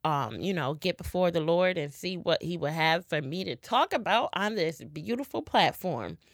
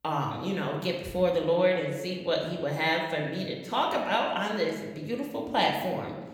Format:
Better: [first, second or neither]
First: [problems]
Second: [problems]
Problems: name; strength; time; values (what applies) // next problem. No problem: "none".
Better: first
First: none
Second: room echo; noticeable; dies away in 1 s // off-mic speech; somewhat distant